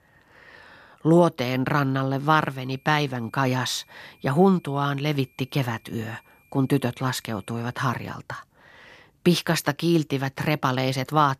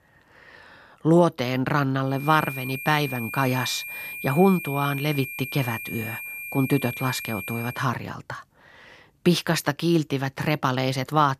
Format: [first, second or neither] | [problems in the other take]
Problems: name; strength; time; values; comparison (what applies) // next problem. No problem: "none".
first | high-pitched whine; loud; from 2 to 8 s; 2.5 kHz, 9 dB below the speech; faint in the first